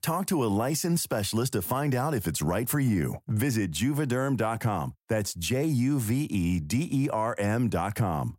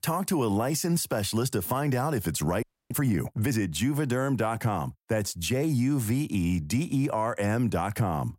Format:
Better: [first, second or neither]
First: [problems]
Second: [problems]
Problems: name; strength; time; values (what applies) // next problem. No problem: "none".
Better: first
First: none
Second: audio freezing; at 2.5 s